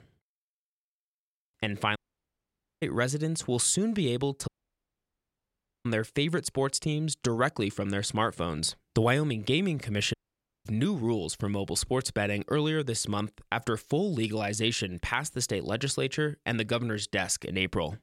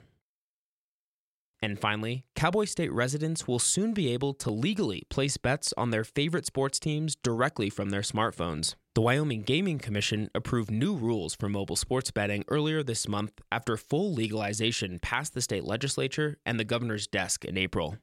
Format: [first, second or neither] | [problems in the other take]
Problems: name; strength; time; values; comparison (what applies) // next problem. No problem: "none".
second | audio cutting out; at 2 s for 1 s, at 4.5 s for 1.5 s and at 10 s for 0.5 s